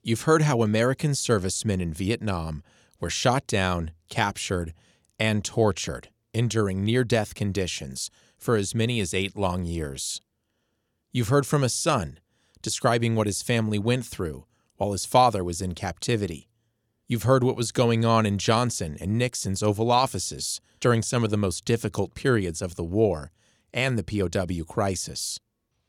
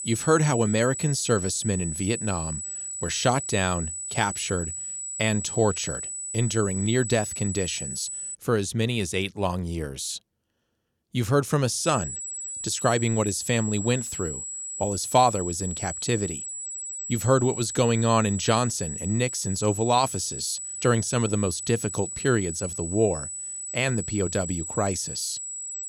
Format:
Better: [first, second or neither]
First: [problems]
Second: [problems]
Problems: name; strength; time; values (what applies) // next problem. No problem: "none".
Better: first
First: none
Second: high-pitched whine; loud; until 8.5 s and from 12 s on; 8 kHz, 6 dB below the speech